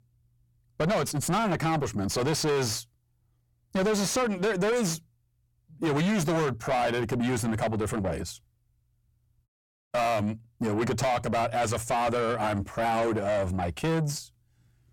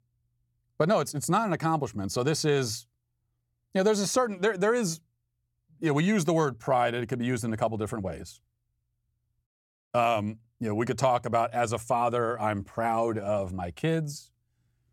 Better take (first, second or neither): second